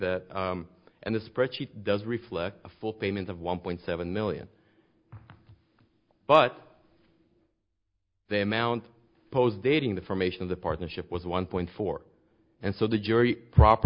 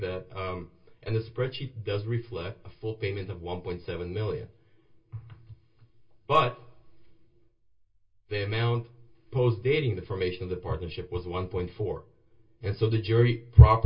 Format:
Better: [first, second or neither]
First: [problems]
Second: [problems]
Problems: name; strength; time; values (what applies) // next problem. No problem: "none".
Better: first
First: none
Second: room echo; dies away in 0.2 s